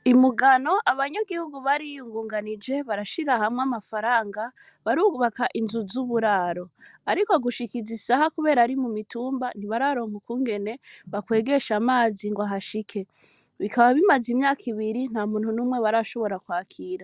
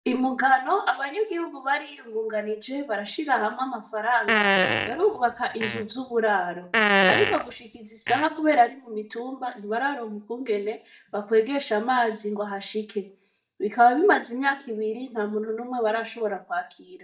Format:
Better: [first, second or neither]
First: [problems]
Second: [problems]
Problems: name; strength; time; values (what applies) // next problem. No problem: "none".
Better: first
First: none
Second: noise reduction (neural mask model DeepFilterNet 3)